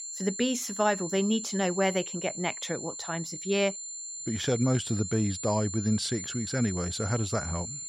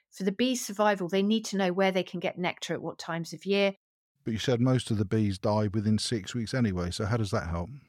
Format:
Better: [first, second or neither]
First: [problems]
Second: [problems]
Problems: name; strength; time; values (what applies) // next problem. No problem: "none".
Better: second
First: high-pitched whine; loud; throughout; 7 kHz, 6 dB below the speech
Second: none